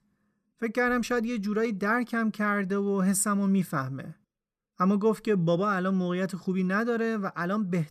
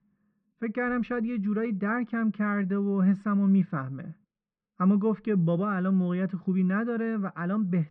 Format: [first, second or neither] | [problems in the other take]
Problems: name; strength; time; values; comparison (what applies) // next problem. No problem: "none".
first | muffled; very; fading above 3 kHz